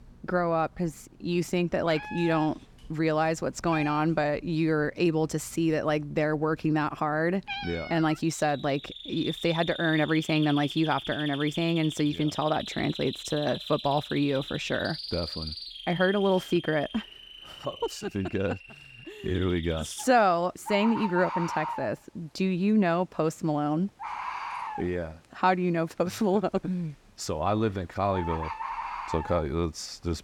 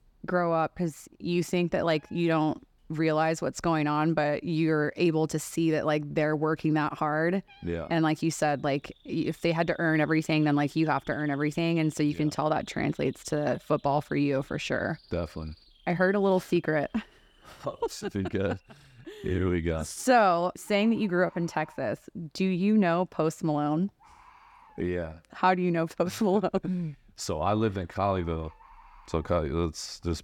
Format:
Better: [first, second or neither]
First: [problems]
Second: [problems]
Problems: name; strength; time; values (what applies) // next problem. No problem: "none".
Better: second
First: animal sounds; loud; throughout; 10 dB below the speech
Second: animal sounds; faint; throughout; 30 dB below the speech